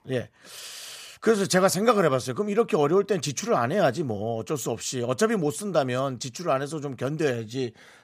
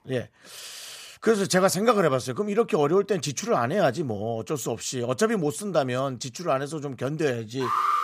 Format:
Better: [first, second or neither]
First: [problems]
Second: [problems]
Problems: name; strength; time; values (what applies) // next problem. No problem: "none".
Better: first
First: none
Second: alarm; loud; at 7.5 s; peak 1 dB above the speech